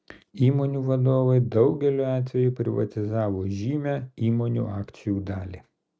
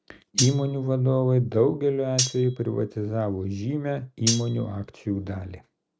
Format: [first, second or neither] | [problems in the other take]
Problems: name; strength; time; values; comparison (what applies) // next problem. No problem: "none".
first | background sound (Cutlery, silverware); 7 dB below the speech